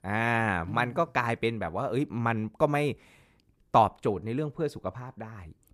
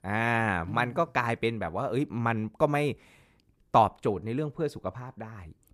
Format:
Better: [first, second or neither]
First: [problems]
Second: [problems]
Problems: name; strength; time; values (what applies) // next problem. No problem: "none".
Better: neither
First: none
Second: none